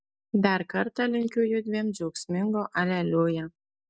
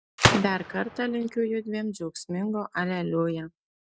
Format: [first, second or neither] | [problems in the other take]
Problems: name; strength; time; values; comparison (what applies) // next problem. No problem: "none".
first | background sound (Gunshot, gunfire); 2 dB below the speech